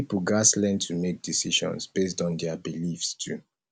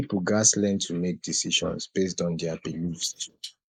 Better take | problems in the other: first | noise reduction (neural mask model Resemble Enhance denoiser)

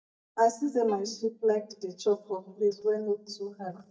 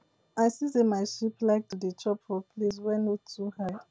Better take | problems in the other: second | noise reduction (neural mask model DeepFilterNet 3)

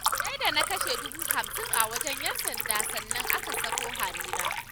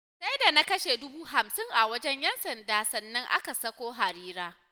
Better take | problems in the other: second | background sound (Liquid); 2 dB above the speech

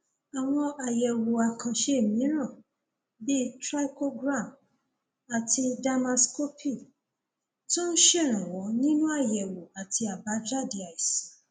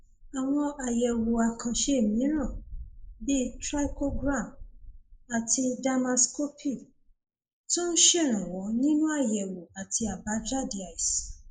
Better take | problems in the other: first | noise reduction (neural mask model Resemble Enhance denoiser)

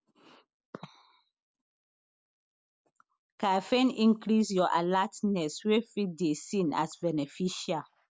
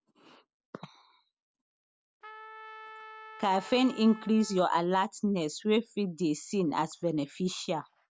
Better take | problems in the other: first | background sound (Trumpet); 18 dB below the speech

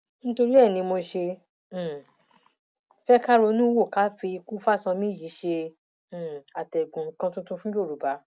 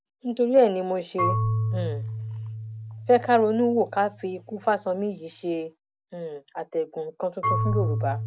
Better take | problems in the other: first | background sound (Marimba, xylophone / Wood); 5 dB below the speech

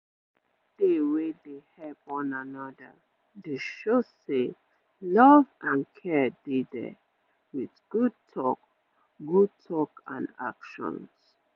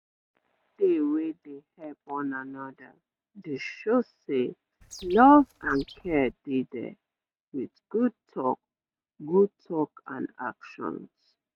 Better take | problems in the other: first | noise reduction (neural mask model RNNoise)

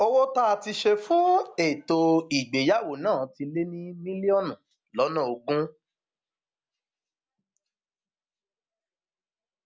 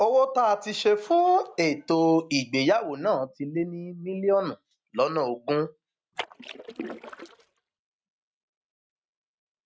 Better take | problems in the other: first | noise reduction (neural mask model RNNoise)

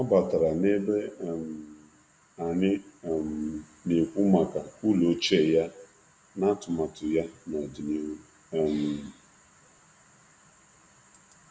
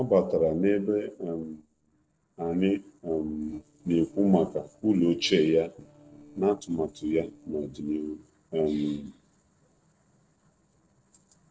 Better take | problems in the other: first | noise reduction (neural separator model SepFormer DNS4)

